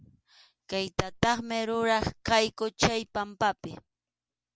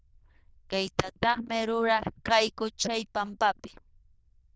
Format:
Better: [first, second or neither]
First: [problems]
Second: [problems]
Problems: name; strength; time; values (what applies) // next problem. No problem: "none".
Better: first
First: none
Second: noise reduction (neural diffusion model UNIVERSE++)